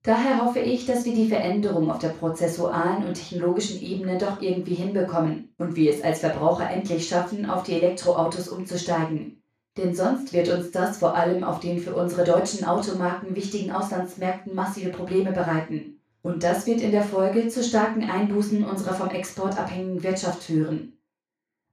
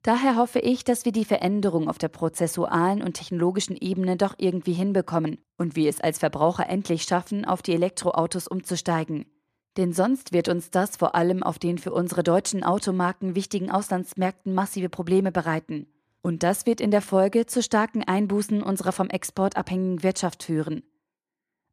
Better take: second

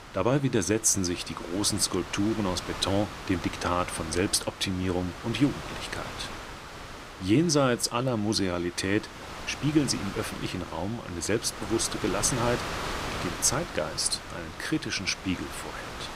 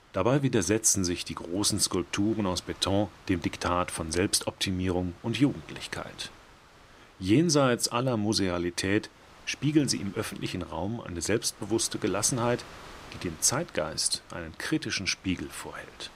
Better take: second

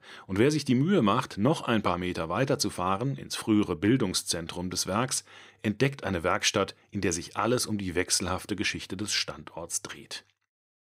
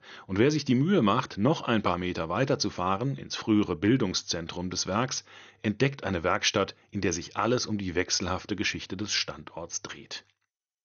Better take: first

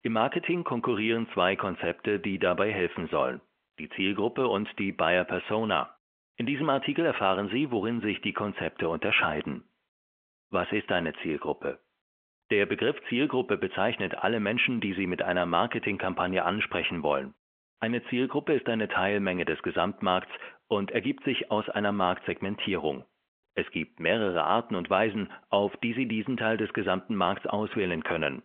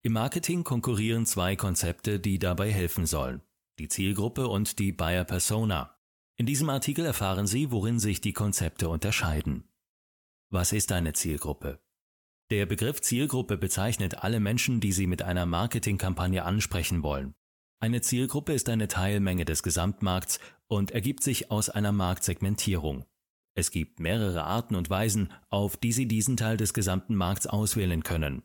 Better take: second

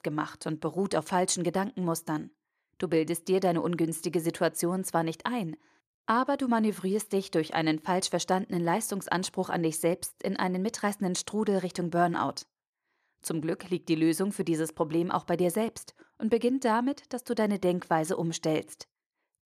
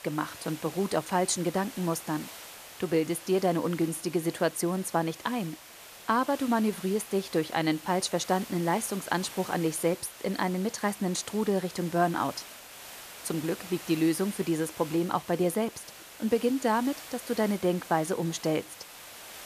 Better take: first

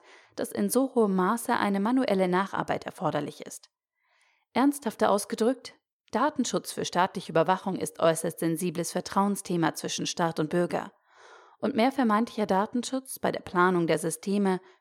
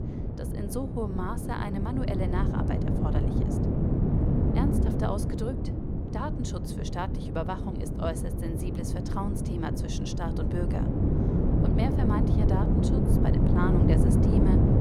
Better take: first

